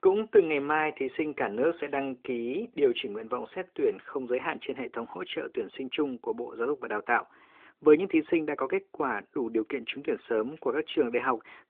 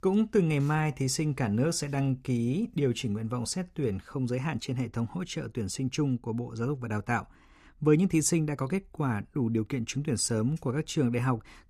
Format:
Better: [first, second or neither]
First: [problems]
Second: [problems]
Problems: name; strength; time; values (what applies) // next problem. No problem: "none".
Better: second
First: phone-call audio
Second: none